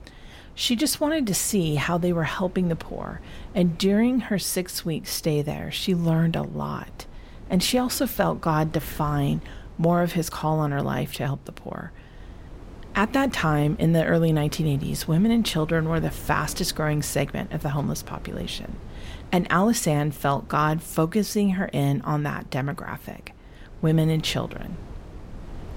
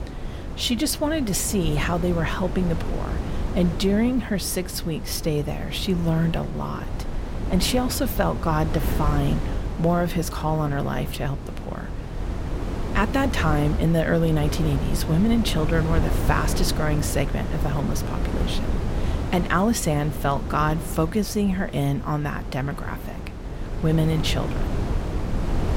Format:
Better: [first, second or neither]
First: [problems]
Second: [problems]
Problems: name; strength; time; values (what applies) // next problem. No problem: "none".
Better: first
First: wind noise on the microphone; occasional gusts; 25 dB below the speech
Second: wind noise on the microphone; heavy; 9 dB below the speech